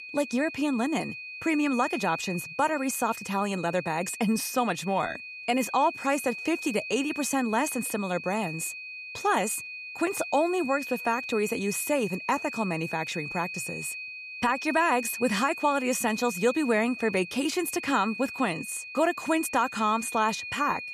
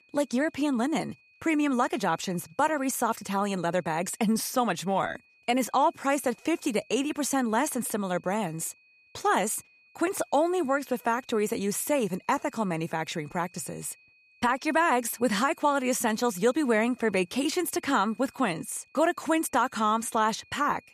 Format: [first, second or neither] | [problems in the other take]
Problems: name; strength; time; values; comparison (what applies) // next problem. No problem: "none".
second | high-pitched whine; loud; throughout; 2.5 kHz, 9 dB below the speech; faint in the second